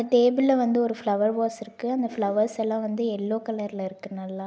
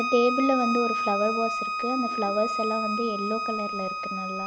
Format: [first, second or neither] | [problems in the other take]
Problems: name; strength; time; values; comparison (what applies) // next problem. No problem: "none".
first | background sound (Bowed string instrument); 2 dB below the speech